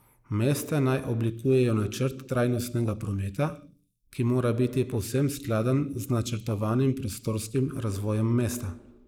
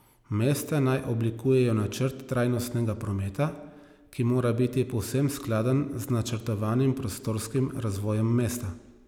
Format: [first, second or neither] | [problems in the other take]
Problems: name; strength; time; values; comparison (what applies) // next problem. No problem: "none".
second | noise reduction (neural mask model Resemble Enhance denoiser)